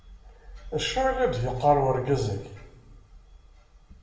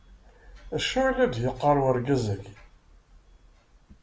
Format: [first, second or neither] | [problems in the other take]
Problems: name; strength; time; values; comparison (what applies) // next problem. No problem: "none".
second | room echo; dies away in 0.7 s